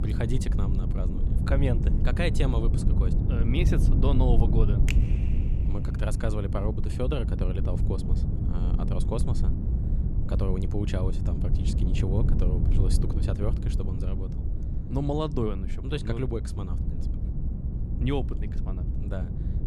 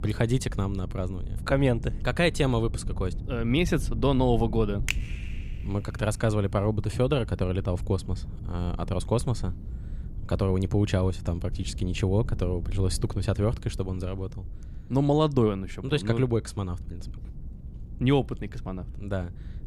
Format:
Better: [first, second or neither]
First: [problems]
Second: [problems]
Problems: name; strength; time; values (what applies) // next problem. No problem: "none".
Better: second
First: low rumble; loud; throughout; 5 dB below the speech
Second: low rumble; faint; throughout; 20 dB below the speech